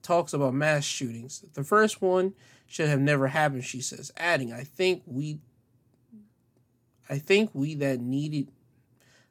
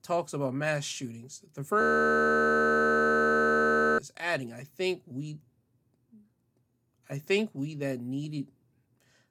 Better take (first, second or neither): first